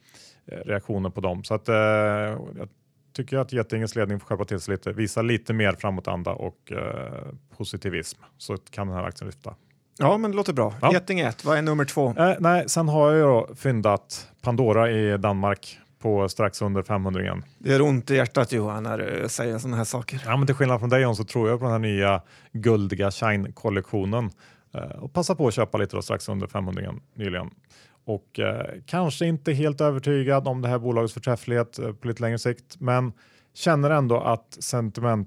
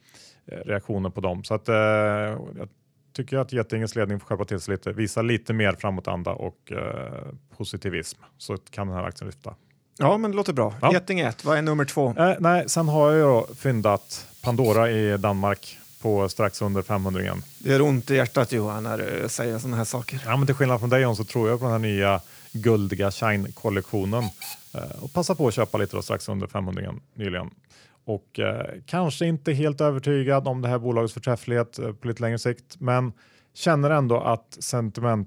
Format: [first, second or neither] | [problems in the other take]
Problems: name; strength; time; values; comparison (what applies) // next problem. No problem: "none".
first | hiss; noticeable; from 13 to 26 s; 20 dB below the speech